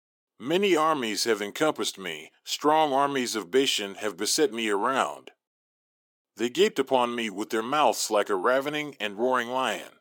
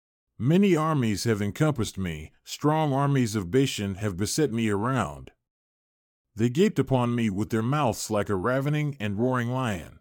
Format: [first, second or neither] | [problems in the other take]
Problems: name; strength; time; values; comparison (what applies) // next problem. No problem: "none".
second | thin; somewhat; fading below 350 Hz